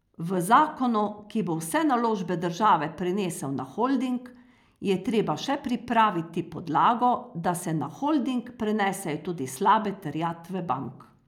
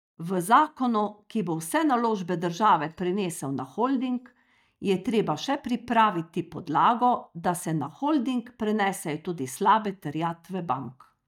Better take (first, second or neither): first